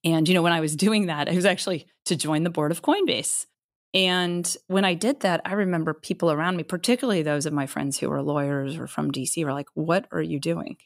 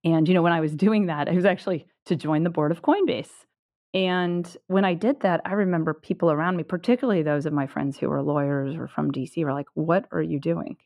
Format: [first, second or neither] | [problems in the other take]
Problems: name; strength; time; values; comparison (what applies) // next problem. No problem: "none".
first | muffled; very; fading above 4 kHz